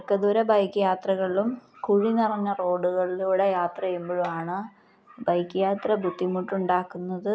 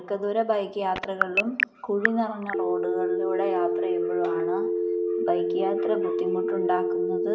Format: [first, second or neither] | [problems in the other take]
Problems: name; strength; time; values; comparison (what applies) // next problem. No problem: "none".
first | background sound (Telephone); 3 dB above the speech // room echo; dies away in 0.6 s